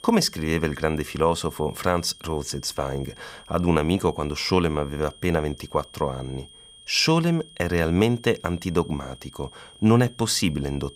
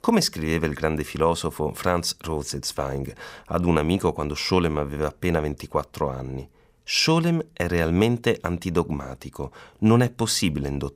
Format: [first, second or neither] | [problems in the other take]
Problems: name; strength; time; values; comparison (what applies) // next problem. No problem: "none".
second | high-pitched whine; faint; throughout; 3 kHz, 20 dB below the speech